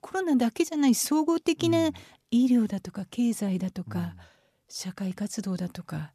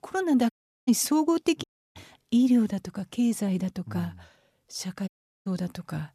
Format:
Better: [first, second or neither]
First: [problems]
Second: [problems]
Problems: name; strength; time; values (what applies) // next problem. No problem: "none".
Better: first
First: none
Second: audio cutting out; at 0.5 s, at 1.5 s and at 5 s